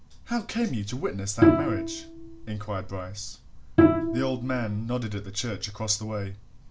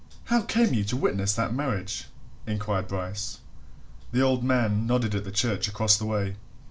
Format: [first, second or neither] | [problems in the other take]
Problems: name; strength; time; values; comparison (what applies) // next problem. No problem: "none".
second | background sound (Bowed string instrument); 4 dB above the speech